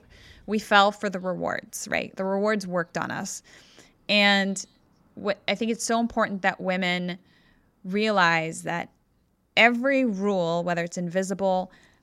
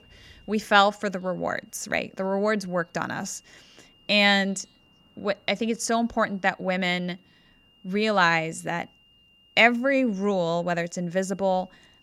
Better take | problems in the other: first | high-pitched whine; faint; throughout; 3 kHz, 35 dB below the speech

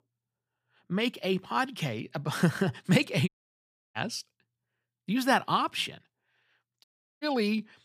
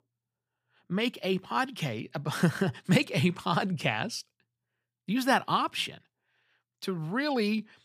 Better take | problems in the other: second | audio cutting out; at 3.5 s for 0.5 s and at 7 s

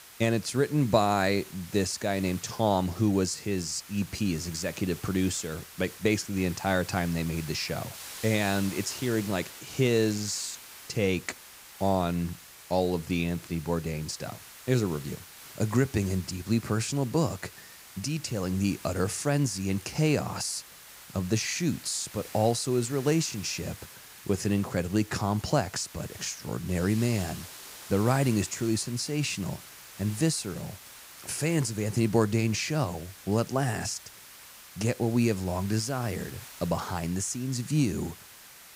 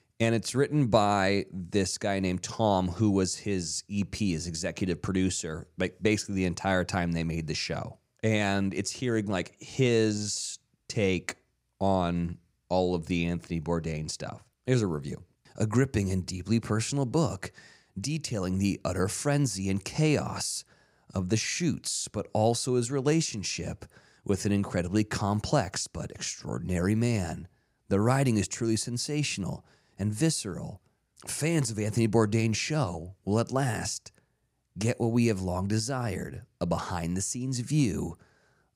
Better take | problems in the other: second | hiss; noticeable; throughout; 15 dB below the speech

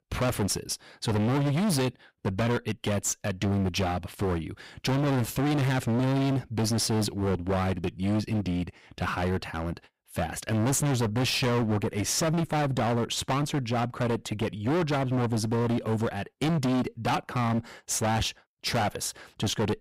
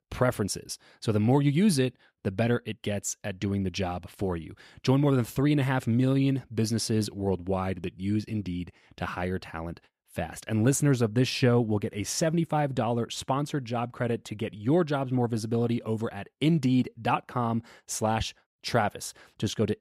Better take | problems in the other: second | distortion; heavy; 26% of the sound clipped

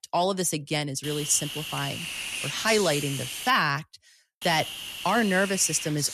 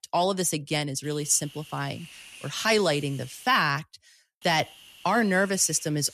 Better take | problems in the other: second | hiss; loud; from 1 to 3.5 s and from 4.5 s on; 7 dB below the speech; faint in the second

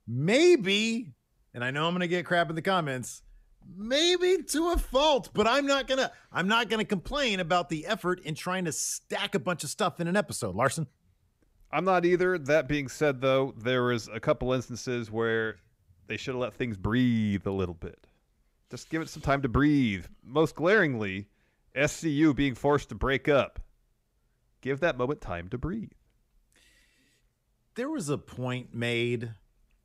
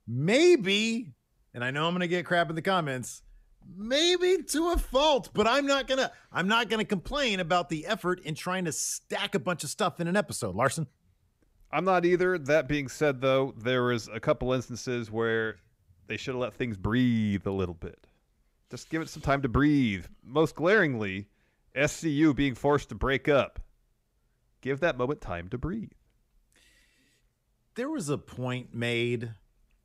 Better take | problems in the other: neither | none

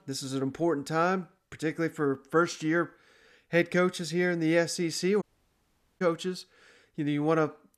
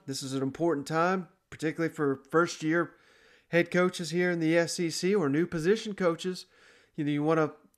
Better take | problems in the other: second | audio cutting out; at 5 s for 1 s

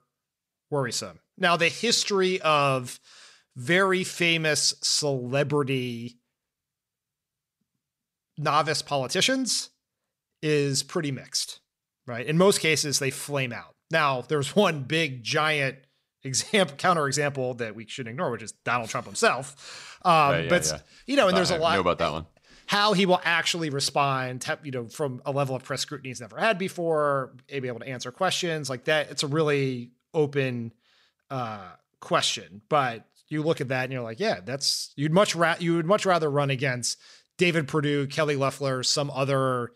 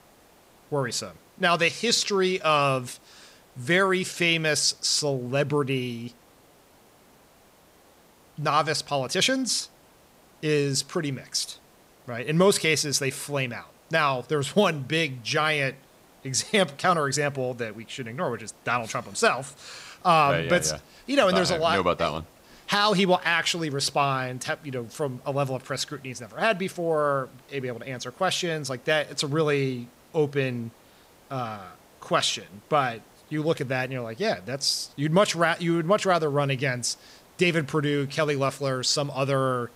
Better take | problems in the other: first | hiss; faint; throughout; 30 dB below the speech

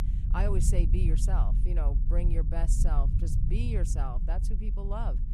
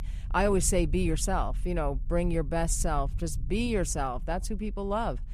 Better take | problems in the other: second | low rumble; loud; throughout; 7 dB below the speech; faint in the second

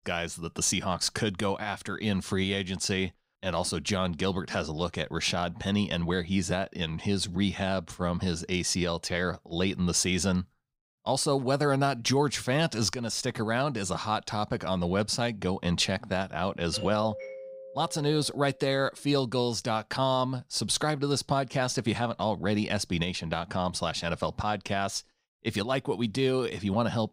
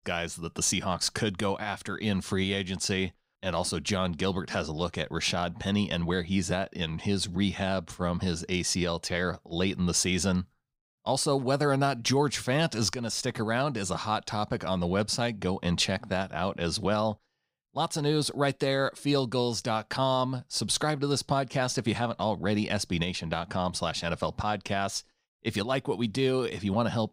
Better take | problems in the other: second | doorbell; noticeable; from 17 to 19 s; peak 9 dB below the speech

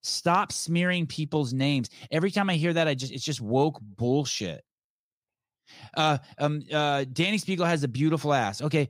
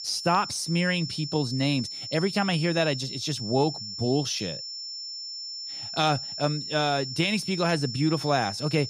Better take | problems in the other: first | high-pitched whine; loud; throughout; 5.5 kHz, 7 dB below the speech

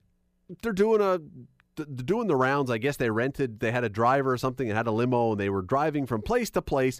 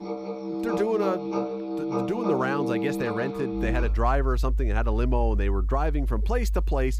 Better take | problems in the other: first | background music; very loud; throughout; 1 dB above the speech

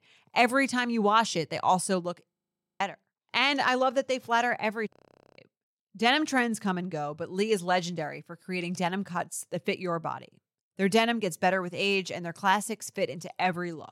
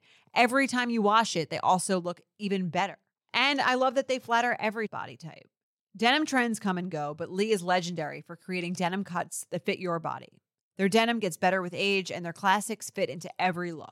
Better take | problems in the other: second | audio freezing; at 2.5 s and at 5 s

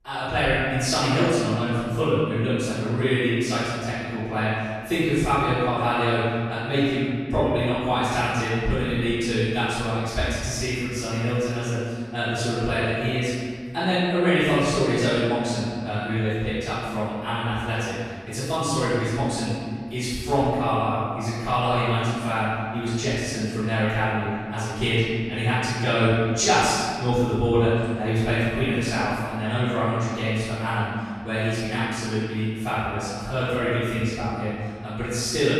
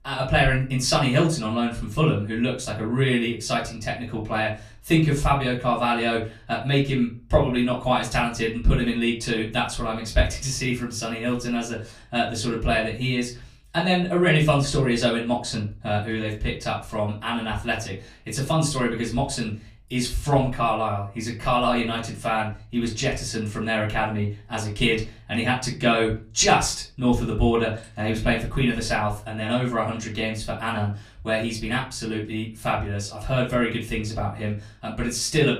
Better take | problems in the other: second | room echo; strong; dies away in 1.9 s; slight in the second // off-mic speech; far; far in the second

